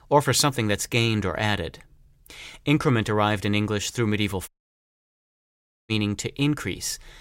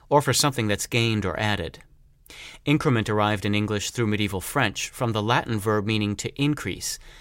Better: second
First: audio cutting out; at 4.5 s for 1.5 s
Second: none

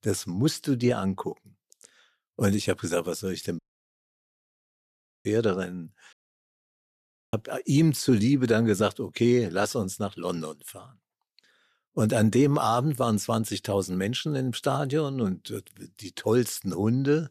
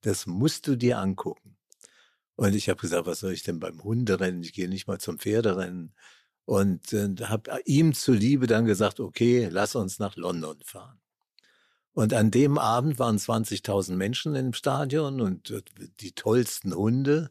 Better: second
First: audio cutting out; at 3.5 s for 1.5 s and at 6 s for 1 s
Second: none

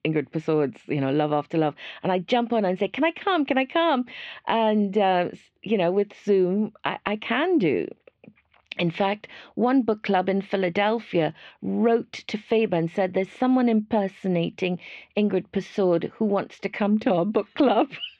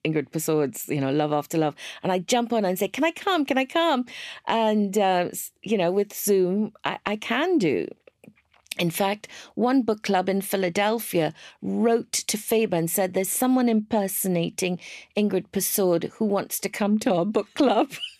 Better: second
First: muffled; very; fading above 3.5 kHz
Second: none

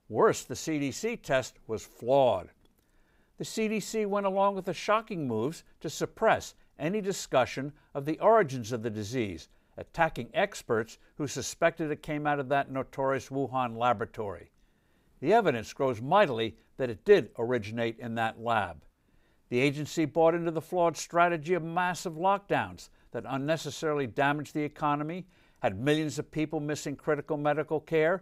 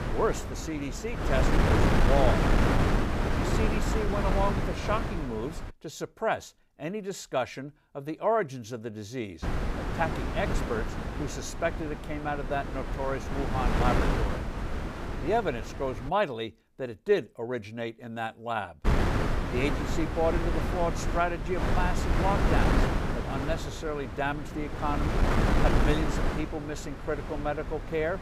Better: first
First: none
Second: wind noise on the microphone; heavy; until 5.5 s, from 9.5 to 16 s and from 19 s on; 1 dB below the speech

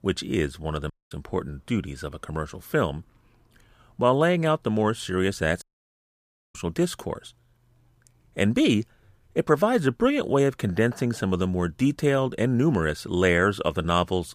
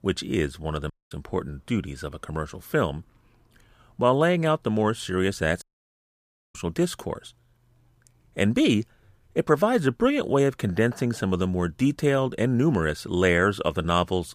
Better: neither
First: audio cutting out; at 1 s and at 5.5 s for 1 s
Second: audio cutting out; at 1 s and at 5.5 s for 1 s

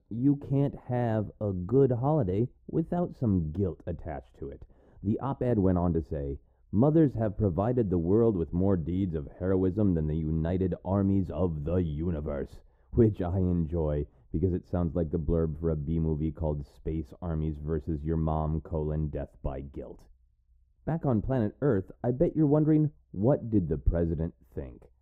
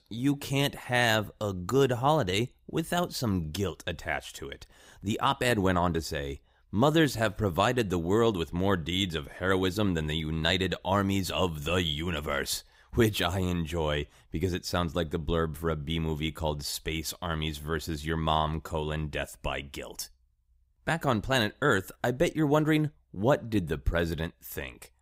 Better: second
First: muffled; very; fading above 1.5 kHz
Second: none

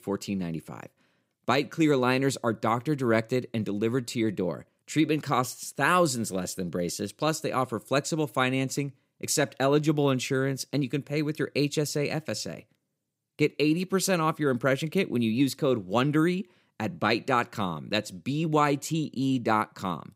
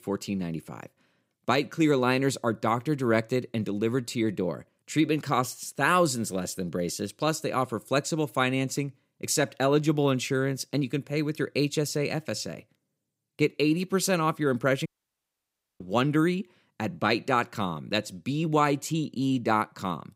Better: first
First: none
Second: audio cutting out; at 15 s for 1 s

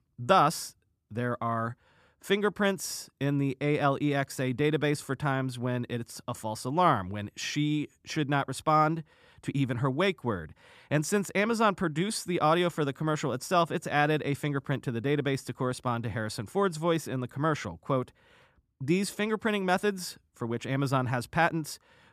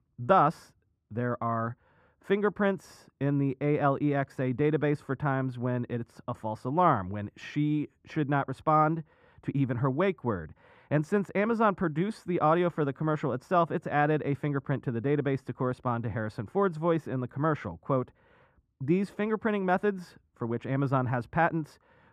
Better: first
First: none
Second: muffled; very; fading above 3 kHz

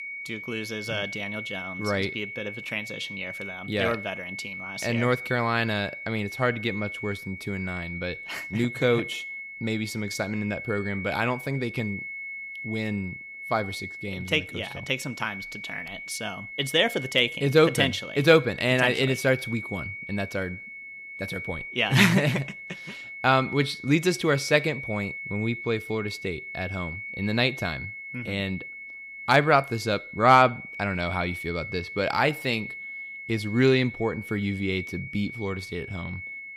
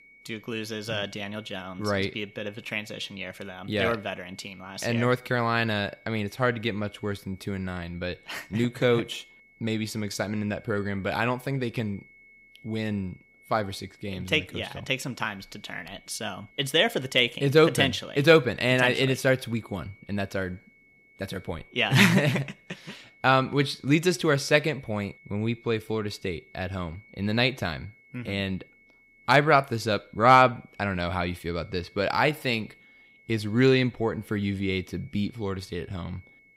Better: second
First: high-pitched whine; loud; throughout; 2 kHz, 10 dB below the speech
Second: high-pitched whine; faint; throughout; 2 kHz, 30 dB below the speech

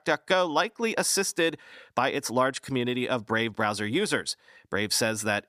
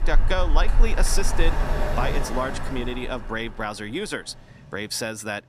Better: first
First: none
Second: traffic noise; very loud; throughout; 2 dB above the speech

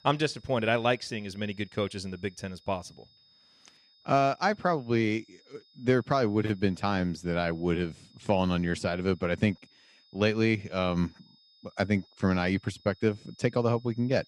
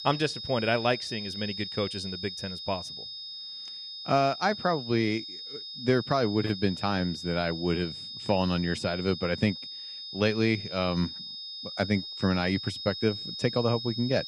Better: first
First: high-pitched whine; faint; throughout; 5 kHz, 30 dB below the speech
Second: high-pitched whine; loud; throughout; 5 kHz, 8 dB below the speech

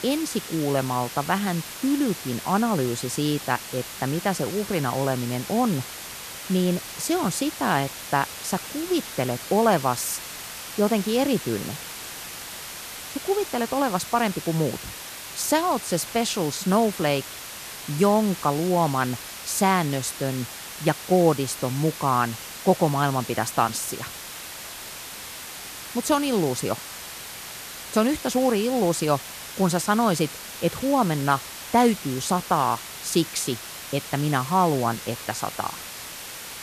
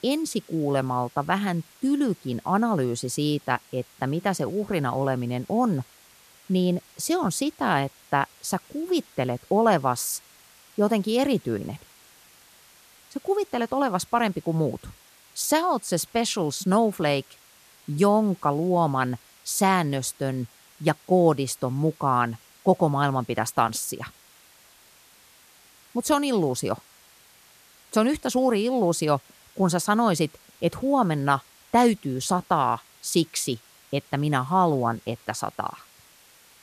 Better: second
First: hiss; loud; throughout; 10 dB below the speech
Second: hiss; faint; throughout; 25 dB below the speech

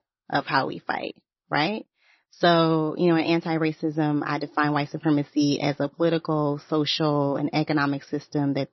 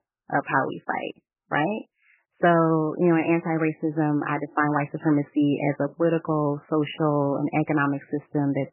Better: first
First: garbled, watery; slightly; nothing above 5.5 kHz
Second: garbled, watery; badly; nothing above 3 kHz

